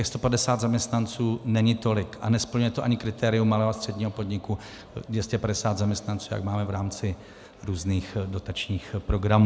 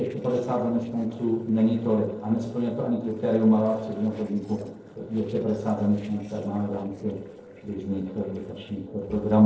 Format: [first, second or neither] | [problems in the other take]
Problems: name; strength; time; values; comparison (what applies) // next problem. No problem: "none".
first | noise reduction (neural separator model SepFormer DNS4)